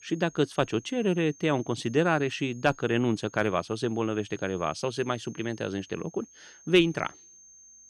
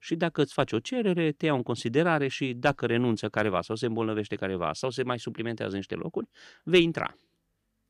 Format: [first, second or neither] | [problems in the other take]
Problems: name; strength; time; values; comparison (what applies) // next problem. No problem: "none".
second | high-pitched whine; faint; throughout; 6.5 kHz, 25 dB below the speech